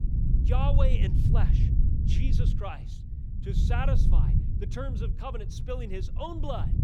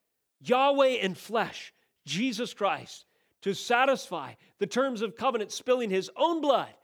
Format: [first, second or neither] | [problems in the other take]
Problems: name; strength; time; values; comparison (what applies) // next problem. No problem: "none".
second | low rumble; loud; throughout; 5 dB below the speech